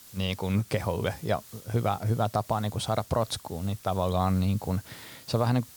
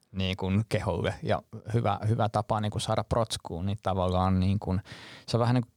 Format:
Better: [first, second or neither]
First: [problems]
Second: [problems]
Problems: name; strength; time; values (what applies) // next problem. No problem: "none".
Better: second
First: hiss; noticeable; throughout; 20 dB below the speech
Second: none